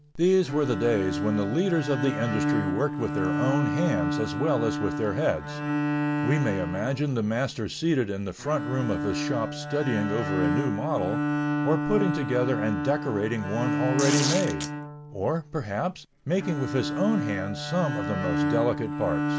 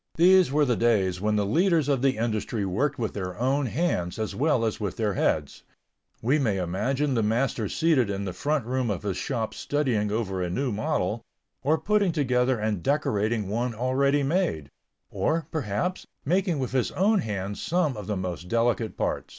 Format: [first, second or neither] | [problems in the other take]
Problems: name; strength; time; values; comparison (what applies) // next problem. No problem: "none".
second | background sound (Bowed string instrument + Tearing); 2 dB below the speech